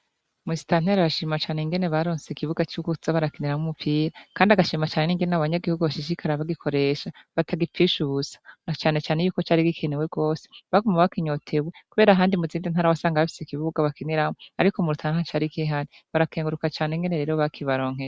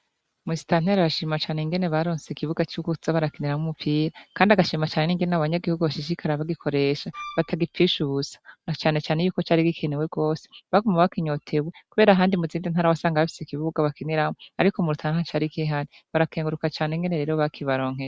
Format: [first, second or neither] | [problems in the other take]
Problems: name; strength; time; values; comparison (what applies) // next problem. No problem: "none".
first | background sound (Wind instrument, woodwind instrument); 16 dB below the speech